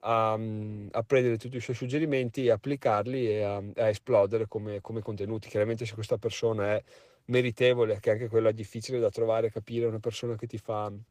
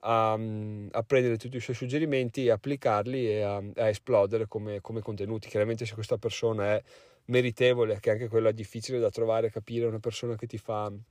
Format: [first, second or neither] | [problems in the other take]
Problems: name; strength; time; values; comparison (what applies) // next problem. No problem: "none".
second | garbled, watery; slightly; nothing above 15 kHz